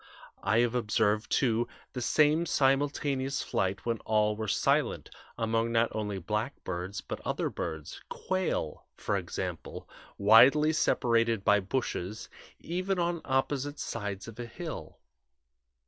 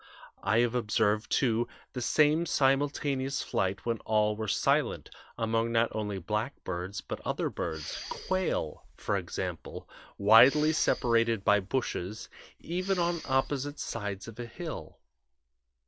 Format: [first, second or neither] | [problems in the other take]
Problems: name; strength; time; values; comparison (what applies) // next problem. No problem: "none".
first | background sound (Respiratory sounds); 15 dB below the speech